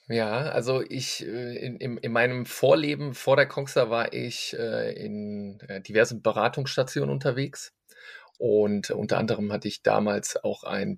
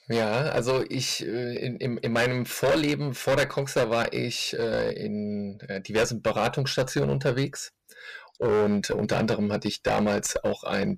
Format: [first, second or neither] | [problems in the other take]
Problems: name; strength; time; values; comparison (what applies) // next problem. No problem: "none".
first | distortion; heavy; 11% of the sound clipped